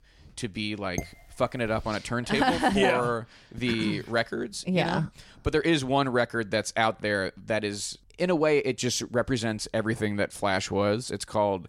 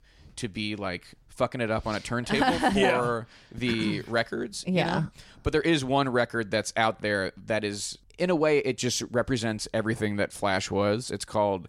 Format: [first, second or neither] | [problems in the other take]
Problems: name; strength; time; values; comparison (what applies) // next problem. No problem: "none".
second | clattering dishes; faint; at 1 s; peak 10 dB below the speech